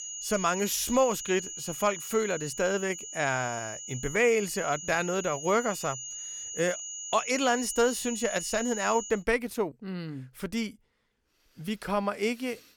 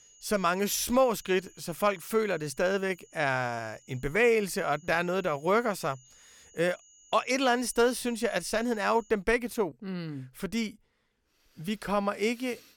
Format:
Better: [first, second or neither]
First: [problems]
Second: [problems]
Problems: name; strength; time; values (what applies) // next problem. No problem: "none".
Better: second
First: high-pitched whine; loud; until 9 s; 7 kHz, 8 dB below the speech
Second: high-pitched whine; faint; until 9 s; 7 kHz, 25 dB below the speech